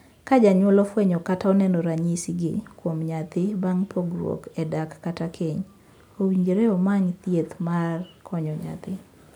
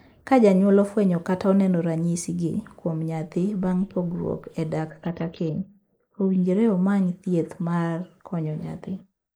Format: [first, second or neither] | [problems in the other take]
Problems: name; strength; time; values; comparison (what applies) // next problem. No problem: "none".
first | noise reduction (neural mask model Resemble Enhance denoiser)